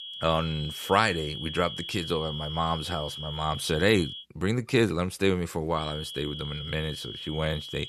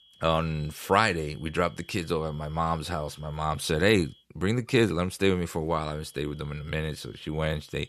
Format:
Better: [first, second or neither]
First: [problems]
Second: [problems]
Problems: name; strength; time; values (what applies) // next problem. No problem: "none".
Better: second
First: high-pitched whine; loud; until 4 s and from 6 s on; 3.5 kHz, 8 dB below the speech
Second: high-pitched whine; faint; until 4 s and from 6 s on; 3.5 kHz, 25 dB below the speech